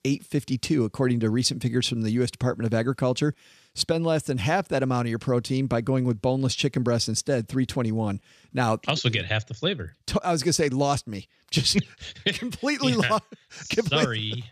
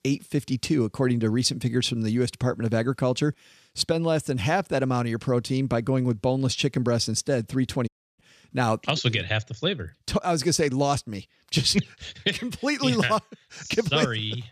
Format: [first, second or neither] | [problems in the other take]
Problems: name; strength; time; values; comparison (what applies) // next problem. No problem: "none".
first | audio cutting out; at 8 s